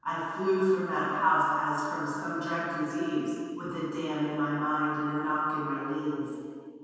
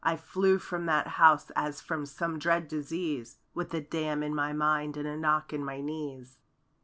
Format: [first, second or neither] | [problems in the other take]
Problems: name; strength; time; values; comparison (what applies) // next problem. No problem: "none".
second | room echo; dies away in 2.1 s